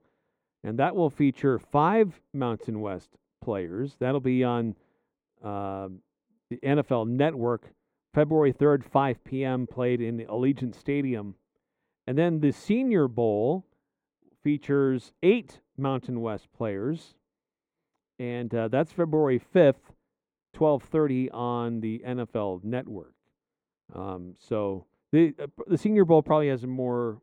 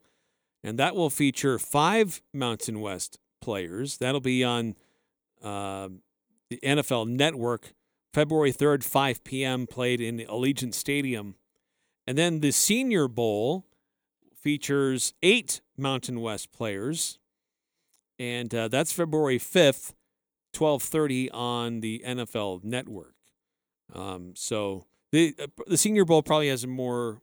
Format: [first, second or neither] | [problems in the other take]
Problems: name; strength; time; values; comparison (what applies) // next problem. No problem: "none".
second | muffled; very; fading above 3.5 kHz